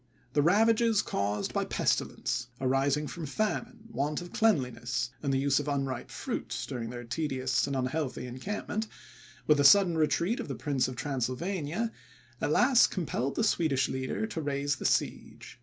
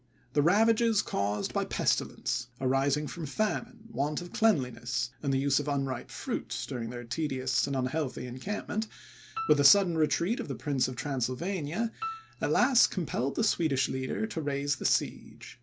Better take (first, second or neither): first